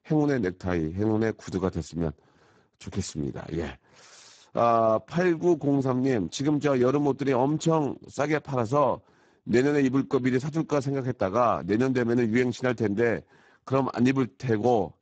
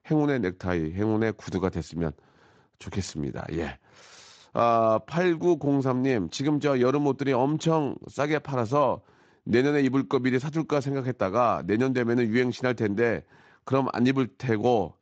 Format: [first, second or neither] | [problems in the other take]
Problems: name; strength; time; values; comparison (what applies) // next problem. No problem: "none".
second | garbled, watery; badly; nothing above 7.5 kHz; slightly in the second